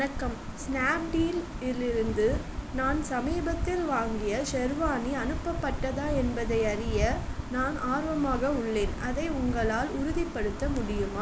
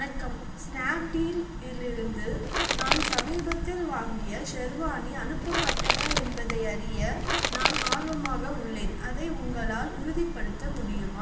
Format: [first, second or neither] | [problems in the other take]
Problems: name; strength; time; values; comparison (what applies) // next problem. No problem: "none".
first | background sound (Crushing / Wood); 1 dB above the speech // room echo; dies away in 1.2 s